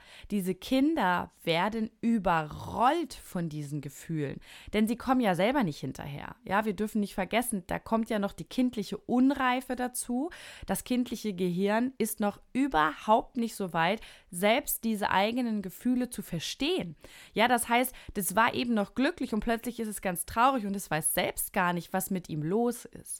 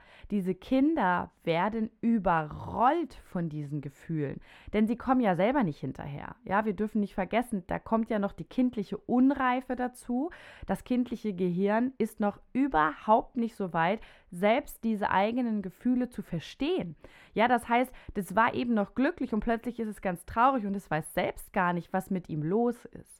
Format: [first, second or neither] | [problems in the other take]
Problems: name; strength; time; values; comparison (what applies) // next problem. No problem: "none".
first | muffled; slightly; fading above 3 kHz